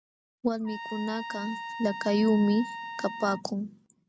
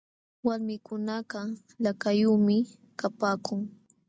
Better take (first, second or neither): second